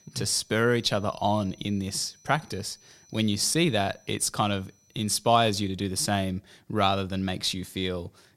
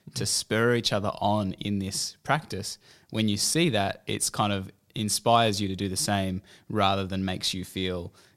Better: second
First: high-pitched whine; faint; until 5.5 s; 6 kHz, 30 dB below the speech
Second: none

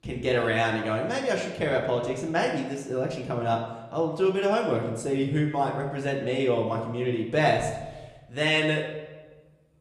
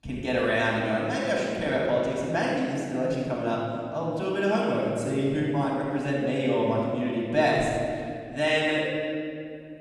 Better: first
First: room echo; slight; dies away in 0.9 s // off-mic speech; somewhat distant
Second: room echo; strong; dies away in 2.2 s // off-mic speech; far

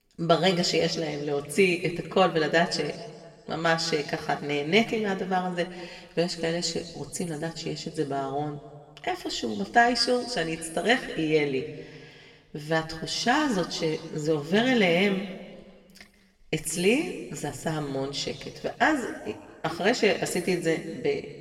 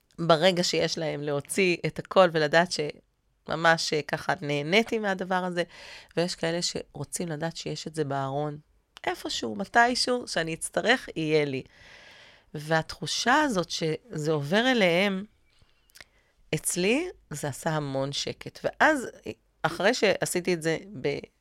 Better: second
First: room echo; slight; dies away in 1.4 s // off-mic speech; somewhat distant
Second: none

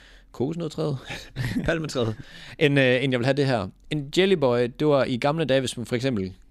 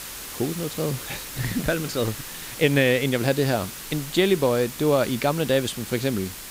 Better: first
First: none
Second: hiss; noticeable; throughout; 10 dB below the speech

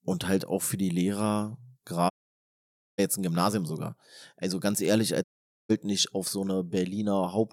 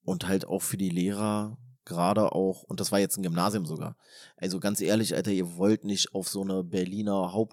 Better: second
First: audio cutting out; at 2 s for 1 s and at 5 s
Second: none

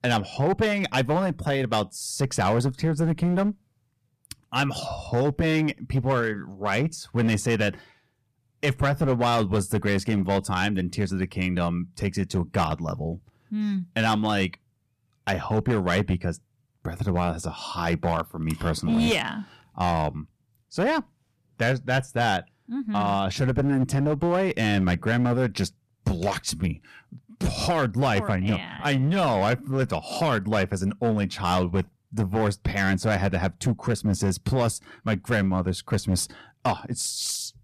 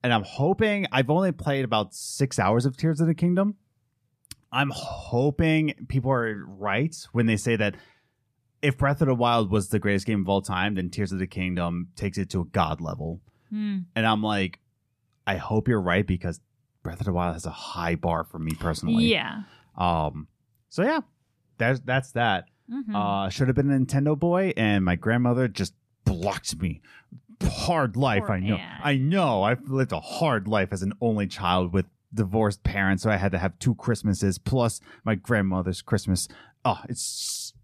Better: second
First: distortion; slight; 9% of the sound clipped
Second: none

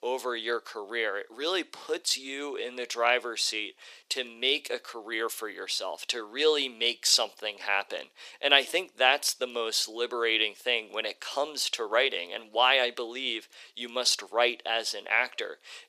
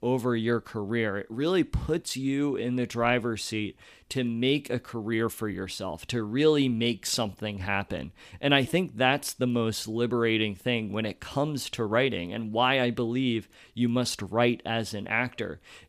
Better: second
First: thin; very; fading below 450 Hz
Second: none

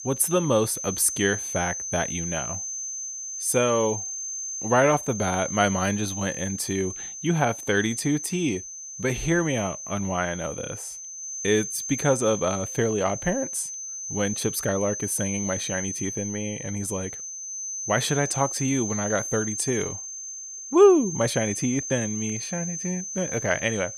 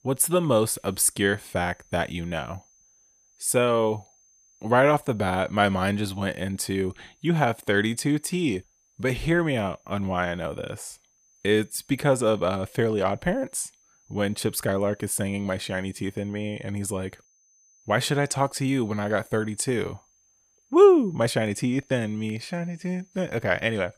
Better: second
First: high-pitched whine; loud; throughout; 6 kHz, 6 dB below the speech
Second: high-pitched whine; faint; throughout; 6 kHz, 35 dB below the speech

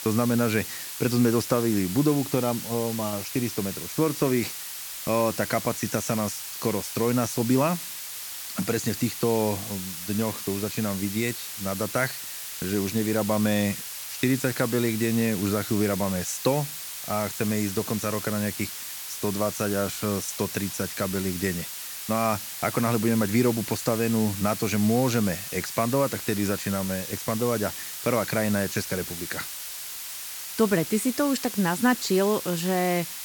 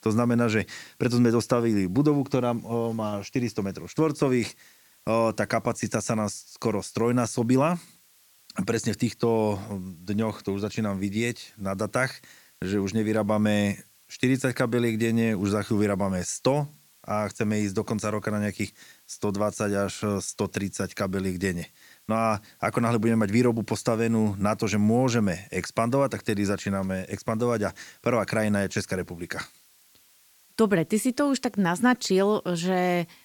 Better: second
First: hiss; loud; throughout; 7 dB below the speech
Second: hiss; faint; throughout; 30 dB below the speech

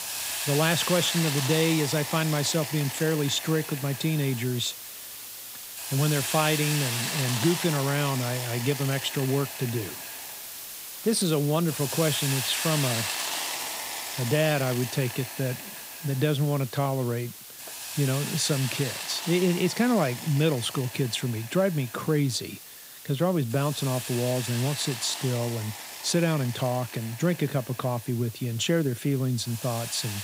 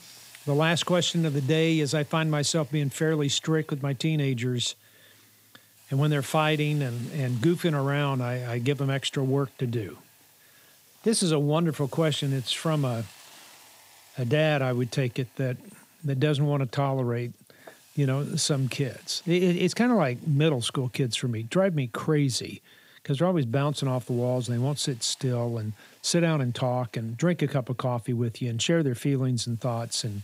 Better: second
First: hiss; loud; throughout; 6 dB below the speech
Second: hiss; faint; throughout; 25 dB below the speech

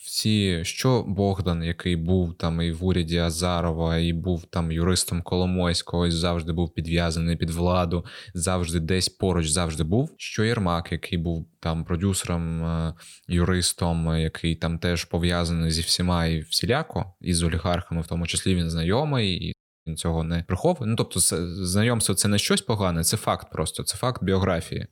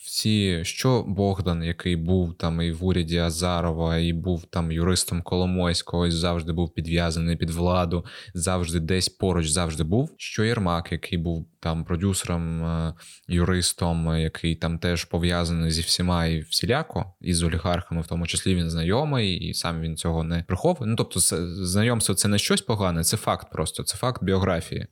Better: second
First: audio cutting out; at 20 s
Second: none

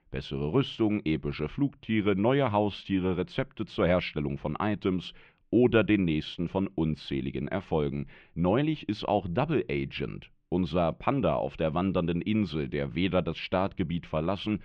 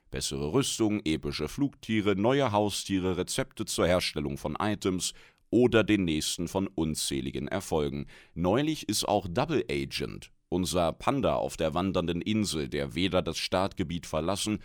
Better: second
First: muffled; very; fading above 3 kHz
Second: none

